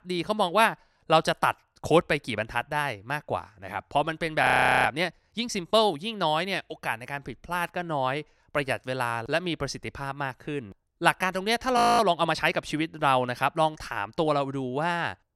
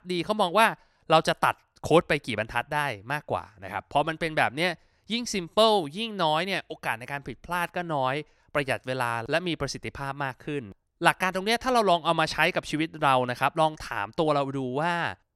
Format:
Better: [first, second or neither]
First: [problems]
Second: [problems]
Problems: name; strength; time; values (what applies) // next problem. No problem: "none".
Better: second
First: audio freezing; at 4.5 s and at 12 s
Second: none